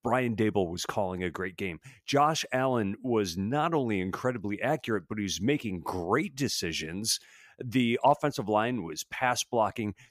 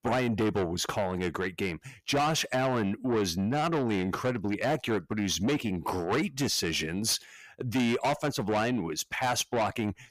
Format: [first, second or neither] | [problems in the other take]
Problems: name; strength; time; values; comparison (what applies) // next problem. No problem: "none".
first | distortion; heavy; 7 dB below the speech